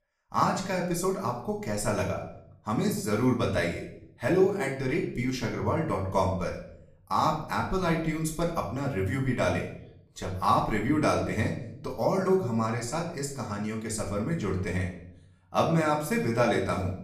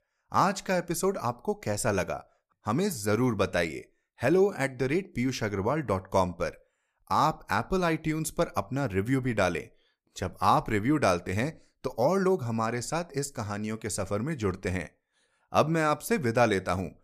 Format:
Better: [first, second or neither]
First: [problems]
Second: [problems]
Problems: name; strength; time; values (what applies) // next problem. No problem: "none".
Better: second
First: room echo; slight; dies away in 0.6 s // off-mic speech; far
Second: none